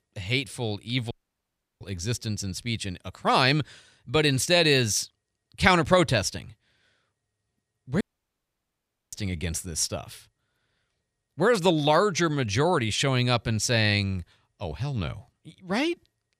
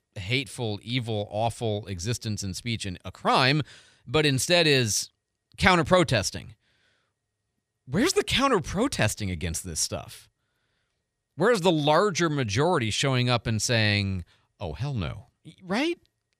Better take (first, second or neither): second